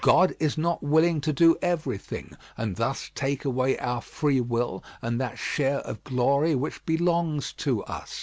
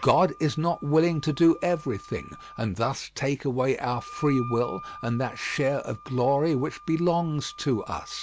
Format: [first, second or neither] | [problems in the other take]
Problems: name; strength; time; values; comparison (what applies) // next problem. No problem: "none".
first | background sound (Wind instrument, woodwind instrument); 18 dB below the speech